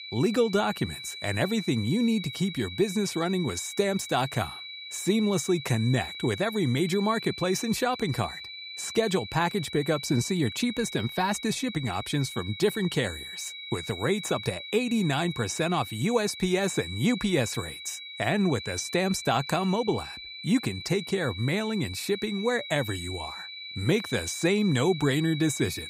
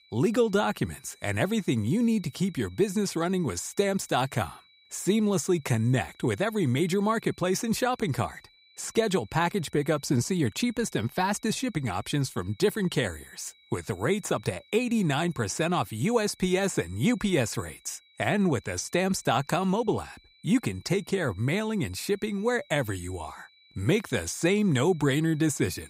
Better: second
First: high-pitched whine; loud; throughout; 4 kHz, 10 dB below the speech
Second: high-pitched whine; faint; throughout; 4 kHz, 30 dB below the speech

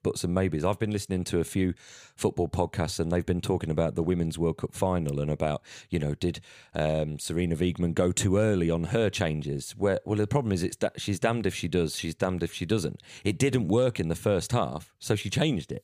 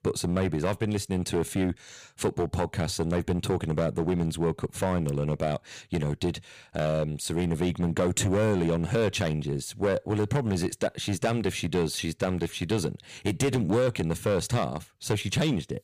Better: first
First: none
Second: distortion; slight; 7% of the sound clipped

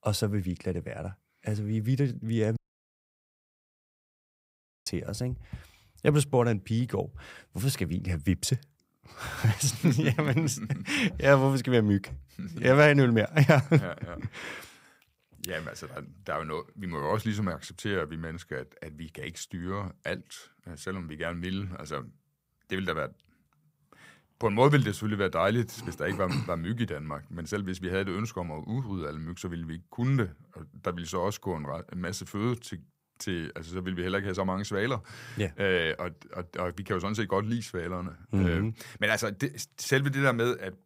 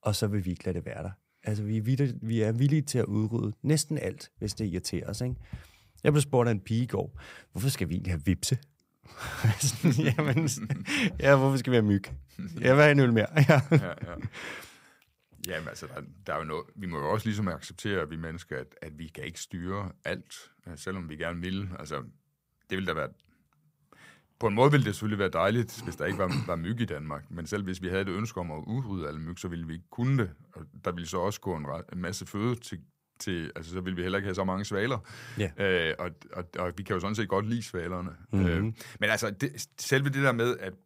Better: second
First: audio cutting out; at 2.5 s for 2.5 s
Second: none

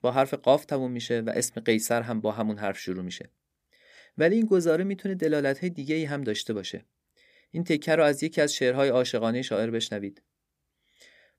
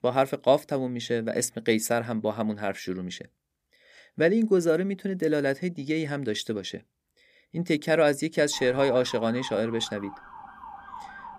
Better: first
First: none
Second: siren; faint; from 8.5 s on; peak 10 dB below the speech

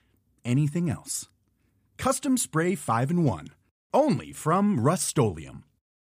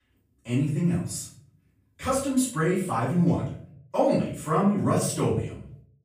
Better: first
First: none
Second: off-mic speech; far // room echo; noticeable; dies away in 0.5 s

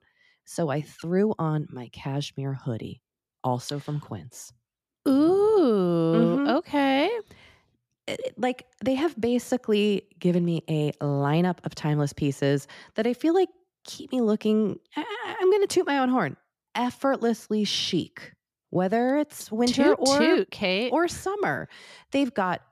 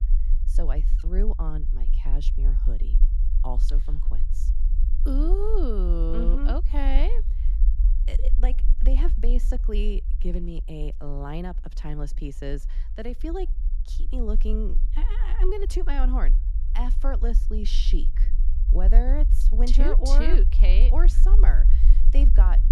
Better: first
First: none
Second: low rumble; noticeable; throughout; 15 dB below the speech

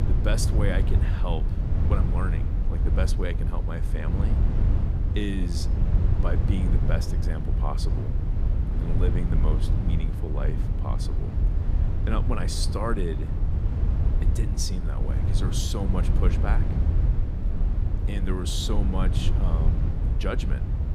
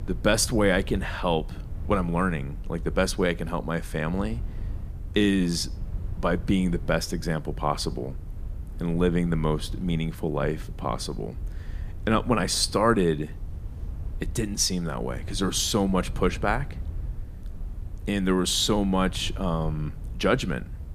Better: second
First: low rumble; loud; throughout; 4 dB below the speech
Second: low rumble; faint; throughout; 25 dB below the speech

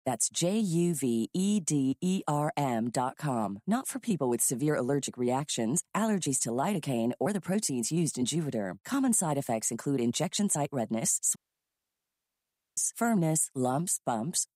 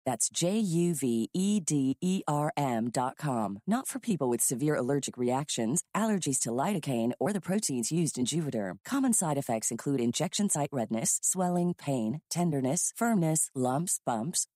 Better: second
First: audio cutting out; at 11 s for 1.5 s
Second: none

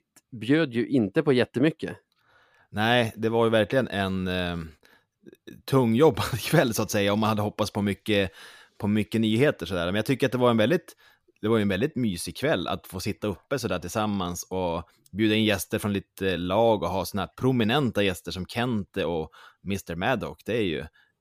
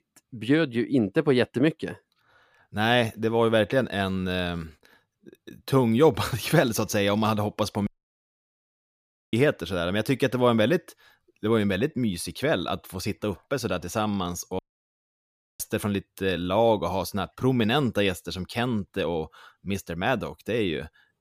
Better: first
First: none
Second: audio cutting out; at 8 s for 1.5 s and at 15 s for 1 s

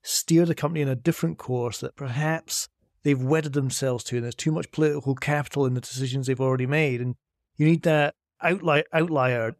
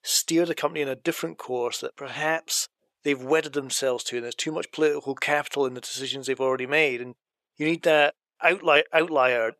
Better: first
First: none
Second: thin; somewhat; fading below 450 Hz

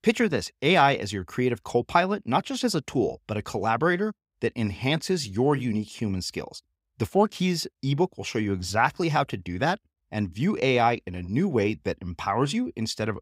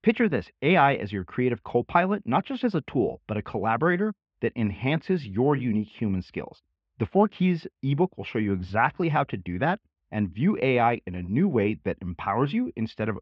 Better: first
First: none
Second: muffled; very; fading above 3 kHz

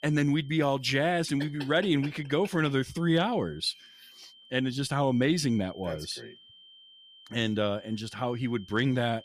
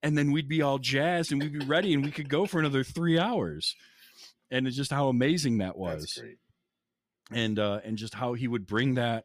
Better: second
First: high-pitched whine; faint; throughout; 3 kHz, 25 dB below the speech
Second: none

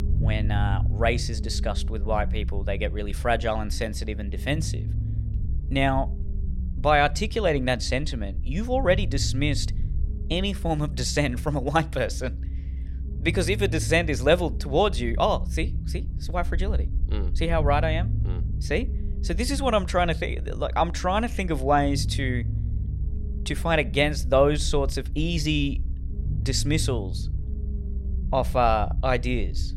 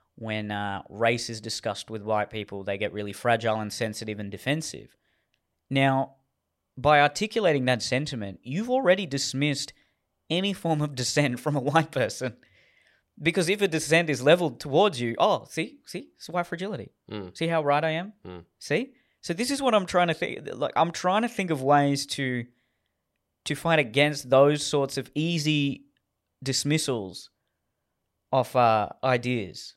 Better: second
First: low rumble; noticeable; throughout; 20 dB below the speech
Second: none

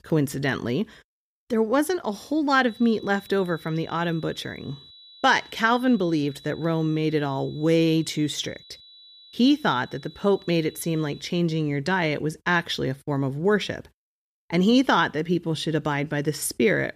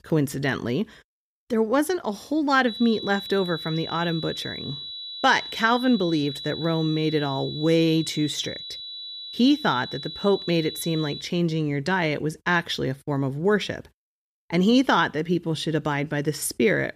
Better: first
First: high-pitched whine; faint; from 2.5 to 11 s; 4 kHz, 20 dB below the speech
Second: high-pitched whine; loud; from 2.5 to 11 s; 4 kHz, 9 dB below the speech

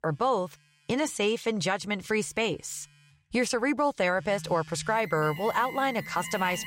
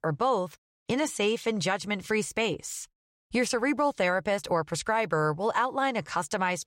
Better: second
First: alarms or sirens; noticeable; throughout; 15 dB below the speech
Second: none

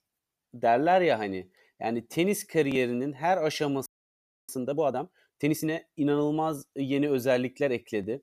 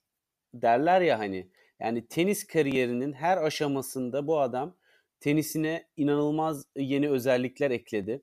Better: second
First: audio freezing; at 4 s for 0.5 s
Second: none

